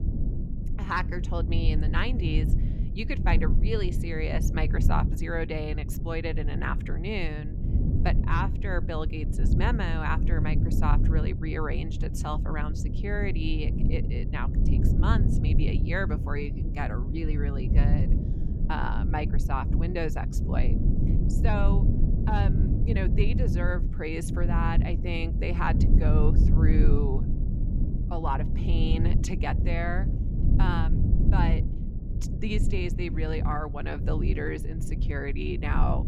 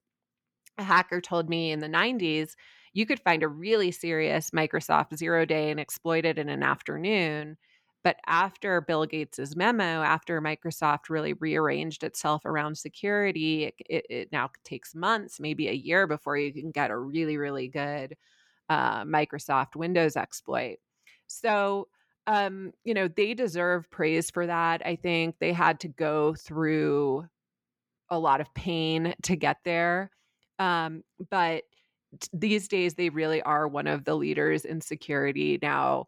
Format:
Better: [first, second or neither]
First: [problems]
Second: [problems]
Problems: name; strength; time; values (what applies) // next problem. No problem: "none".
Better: second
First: low rumble; loud; throughout; 6 dB below the speech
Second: none